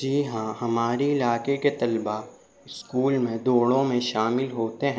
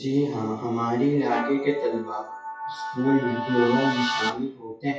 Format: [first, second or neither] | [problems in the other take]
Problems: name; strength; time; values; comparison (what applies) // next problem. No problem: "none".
first | noise reduction (classical method WPE with log-MMSE)